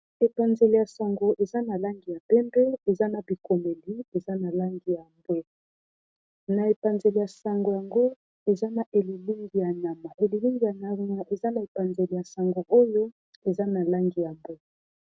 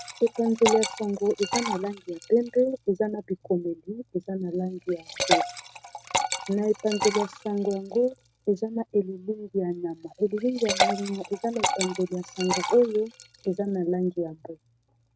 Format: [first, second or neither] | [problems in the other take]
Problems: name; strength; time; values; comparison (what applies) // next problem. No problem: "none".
first | background sound (Liquid); 6 dB below the speech